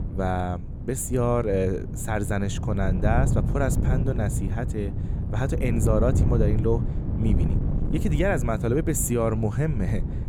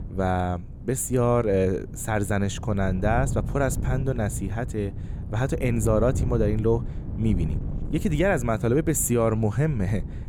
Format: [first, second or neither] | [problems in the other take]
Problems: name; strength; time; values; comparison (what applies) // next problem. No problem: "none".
second | wind noise on the microphone; heavy; 9 dB below the speech; occasional gusts in the second